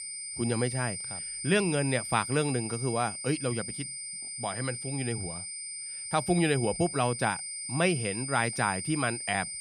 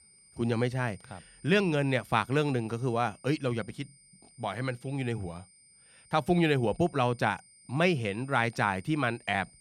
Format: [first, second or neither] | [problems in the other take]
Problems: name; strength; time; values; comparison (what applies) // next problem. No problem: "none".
second | high-pitched whine; loud; throughout; 9 kHz, 5 dB below the speech; faint in the second